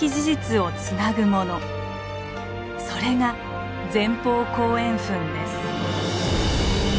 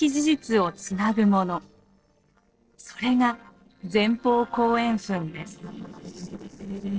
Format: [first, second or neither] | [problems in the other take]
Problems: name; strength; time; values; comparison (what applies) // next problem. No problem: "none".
first | noise reduction (neural separator model SepFormer DNS4)